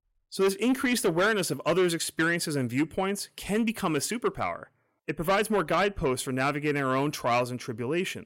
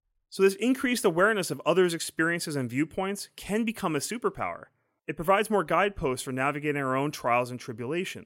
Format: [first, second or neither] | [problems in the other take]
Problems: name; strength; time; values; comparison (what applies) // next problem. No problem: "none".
second | distortion; slight; 10 dB below the speech